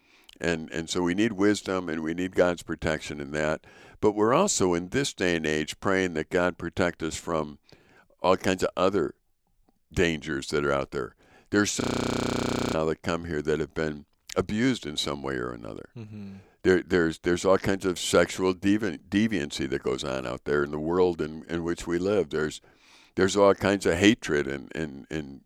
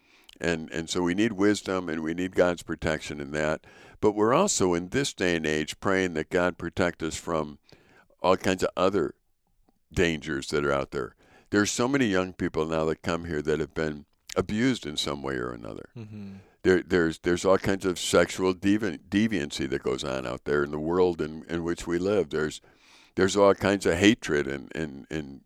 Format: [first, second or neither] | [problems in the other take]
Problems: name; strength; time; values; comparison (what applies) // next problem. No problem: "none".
second | audio freezing; at 12 s for 1 s